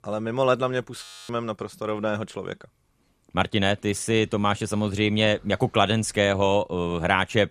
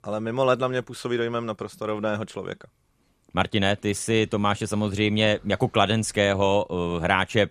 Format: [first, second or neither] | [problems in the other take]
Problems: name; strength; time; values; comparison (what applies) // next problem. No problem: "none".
second | audio freezing; at 1 s